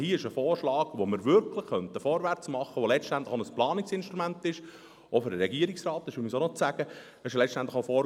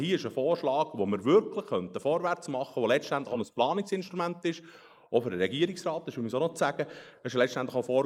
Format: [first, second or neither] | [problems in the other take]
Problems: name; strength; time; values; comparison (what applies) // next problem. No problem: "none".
first | noise reduction (neural mask model Resemble Enhance denoiser)